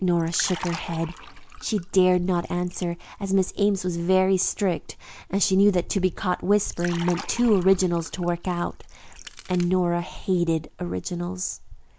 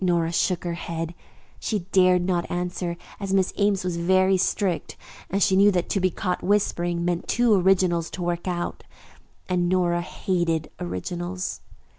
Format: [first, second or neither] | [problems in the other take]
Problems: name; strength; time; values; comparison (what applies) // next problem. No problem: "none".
second | background sound (Crack + Liquid); 19 dB below the speech